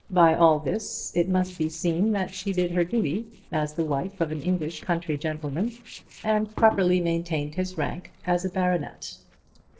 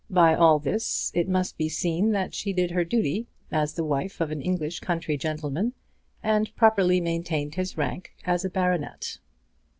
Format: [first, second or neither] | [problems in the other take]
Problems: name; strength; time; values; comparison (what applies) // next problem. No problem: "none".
second | noise reduction (neural separator model SepFormer DNS4)